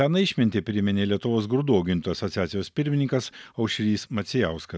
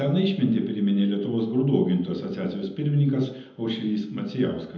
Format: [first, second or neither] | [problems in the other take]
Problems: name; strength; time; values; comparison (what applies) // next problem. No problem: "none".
first | room echo; dies away in 0.8 s